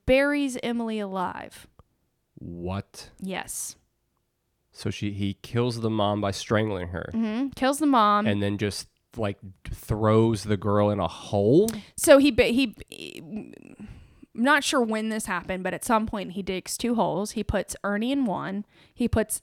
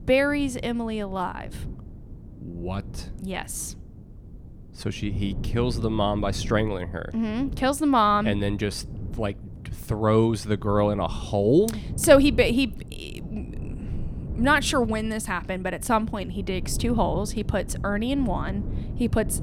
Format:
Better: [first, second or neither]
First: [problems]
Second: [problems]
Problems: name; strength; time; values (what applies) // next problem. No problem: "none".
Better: first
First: none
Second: wind noise on the microphone; occasional gusts; 20 dB below the speech